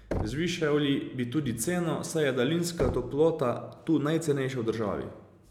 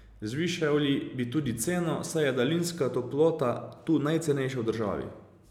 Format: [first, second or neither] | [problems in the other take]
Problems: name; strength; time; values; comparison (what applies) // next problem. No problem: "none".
second | background sound (Knock); 12 dB below the speech